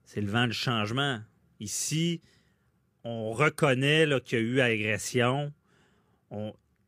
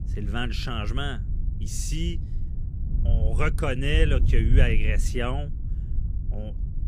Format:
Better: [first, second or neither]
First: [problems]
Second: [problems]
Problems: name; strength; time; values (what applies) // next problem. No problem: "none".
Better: first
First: none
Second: wind noise on the microphone; occasional gusts; 15 dB below the speech